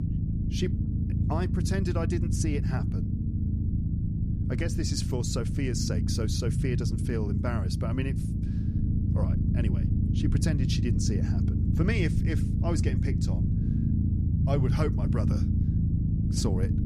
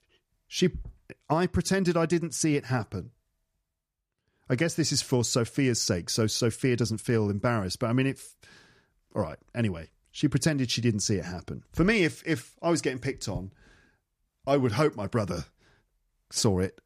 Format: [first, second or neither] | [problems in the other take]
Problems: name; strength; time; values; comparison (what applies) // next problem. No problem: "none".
second | low rumble; loud; throughout; 3 dB below the speech